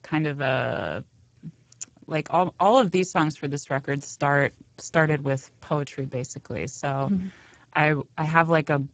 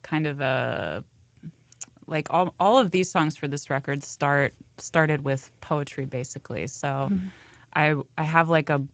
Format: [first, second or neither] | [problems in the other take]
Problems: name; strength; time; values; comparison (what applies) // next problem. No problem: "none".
second | garbled, watery; badly; nothing above 7.5 kHz; slightly in the second